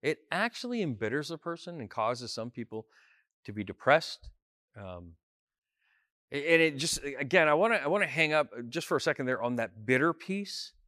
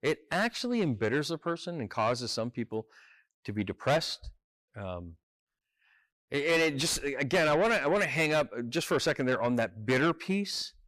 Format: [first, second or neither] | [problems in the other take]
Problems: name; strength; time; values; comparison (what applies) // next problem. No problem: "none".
first | distortion; heavy; 6 dB below the speech